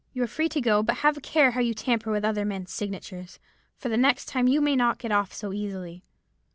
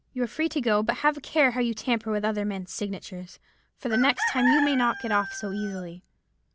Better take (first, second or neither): first